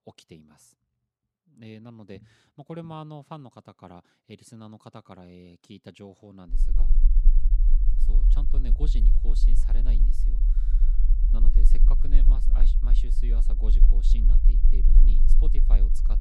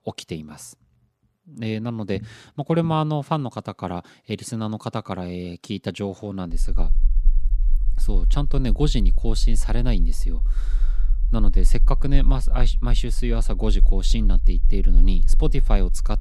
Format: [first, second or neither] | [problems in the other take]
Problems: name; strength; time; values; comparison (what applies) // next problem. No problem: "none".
second | low rumble; loud; from 6.5 s on; 4 dB below the speech; faint in the second